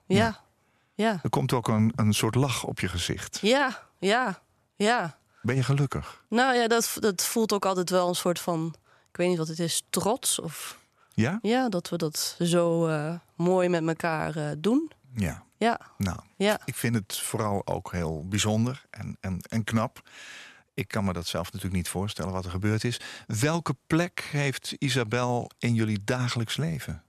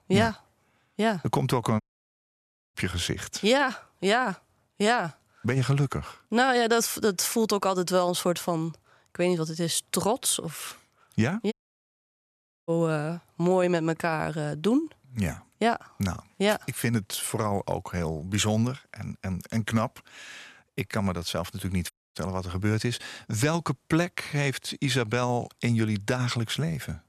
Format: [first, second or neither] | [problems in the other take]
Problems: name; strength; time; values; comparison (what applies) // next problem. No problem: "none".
first | audio cutting out; at 2 s for 1 s, at 12 s for 1 s and at 22 s